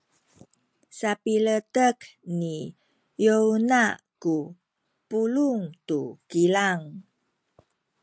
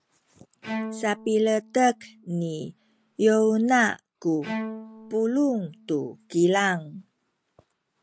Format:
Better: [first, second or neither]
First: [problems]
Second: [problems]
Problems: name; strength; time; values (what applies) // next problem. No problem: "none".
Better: first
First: none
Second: background sound (Bowed string instrument); 14 dB below the speech